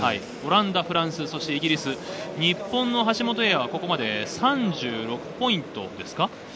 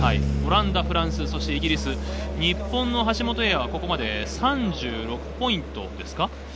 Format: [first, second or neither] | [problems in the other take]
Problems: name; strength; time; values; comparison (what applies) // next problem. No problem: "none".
first | background sound (Bass guitar); 3 dB below the speech